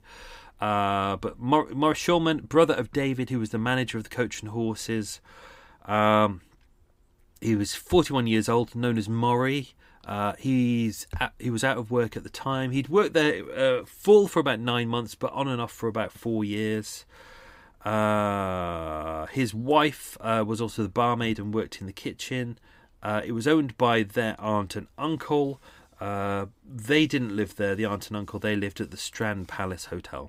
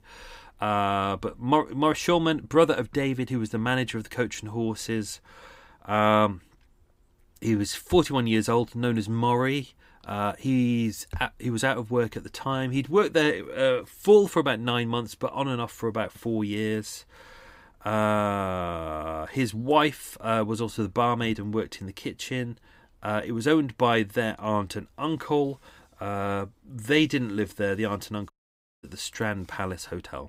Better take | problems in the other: first | audio cutting out; at 28 s for 0.5 s

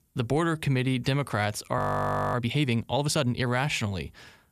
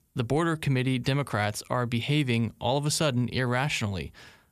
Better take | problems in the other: second | audio freezing; at 2 s for 0.5 s

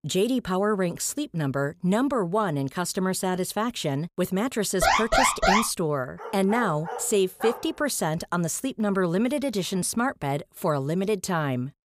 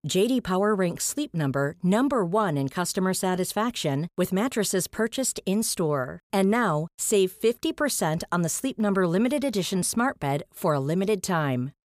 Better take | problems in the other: second | alarm; loud; at 5 s; peak 6 dB above the speech // dog barking; noticeable; from 6 to 7.5 s; peak 8 dB below the speech

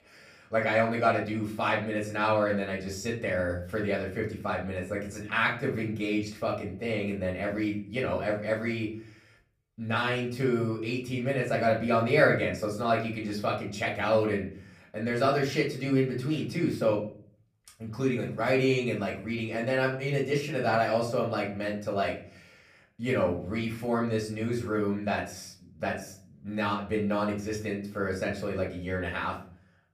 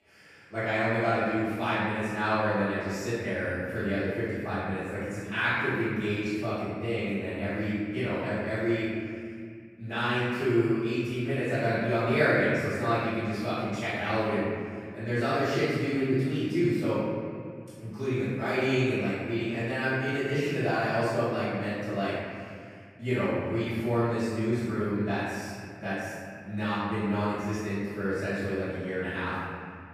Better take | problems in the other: first | room echo; strong; dies away in 2.4 s; slight in the first // off-mic speech; far; far in the first

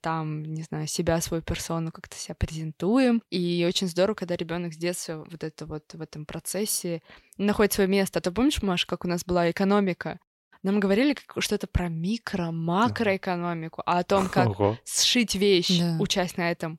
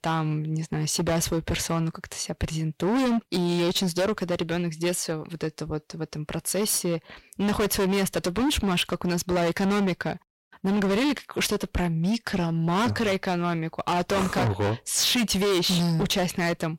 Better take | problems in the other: first | distortion; heavy; 20% of the sound clipped

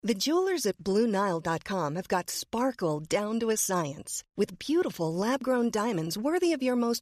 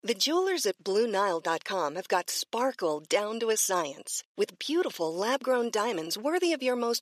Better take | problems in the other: first | thin; somewhat; fading below 400 Hz

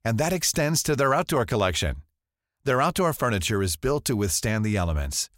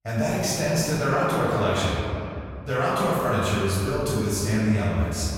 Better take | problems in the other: first | room echo; strong; dies away in 2.4 s // off-mic speech; far

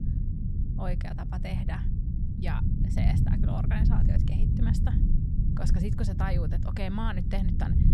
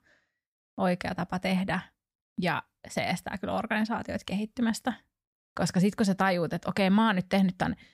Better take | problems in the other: second | low rumble; loud; throughout; 2 dB below the speech

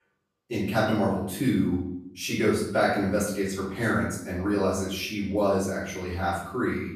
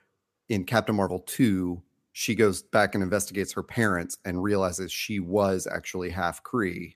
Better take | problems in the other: second | room echo; noticeable; dies away in 0.7 s // off-mic speech; far

